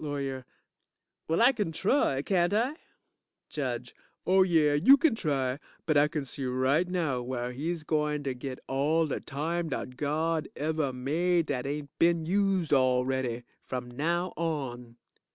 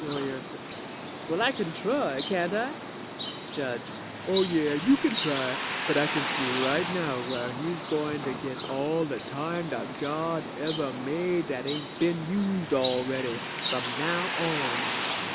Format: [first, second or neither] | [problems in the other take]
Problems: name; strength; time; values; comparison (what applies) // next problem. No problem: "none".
first | background sound (Bird); 5 dB below the speech